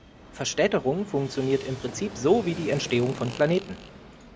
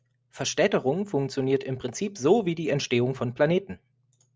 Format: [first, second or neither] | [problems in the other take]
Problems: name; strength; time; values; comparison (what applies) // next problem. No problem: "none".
second | background sound (Fart + Fixed-wing aircraft, airplane); 14 dB below the speech